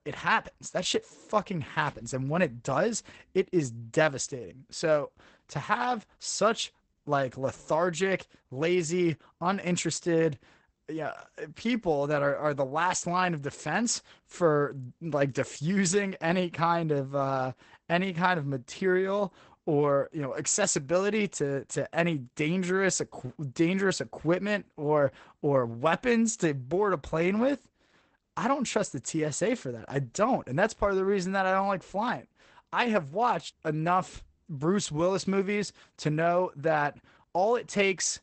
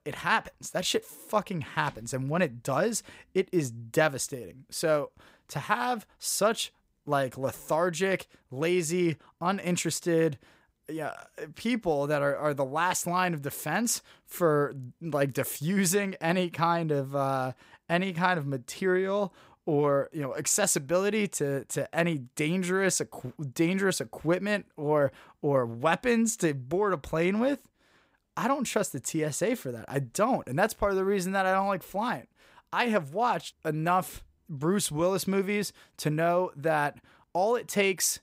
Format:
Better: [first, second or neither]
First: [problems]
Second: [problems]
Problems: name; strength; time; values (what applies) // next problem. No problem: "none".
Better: second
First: garbled, watery; badly; nothing above 8 kHz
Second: none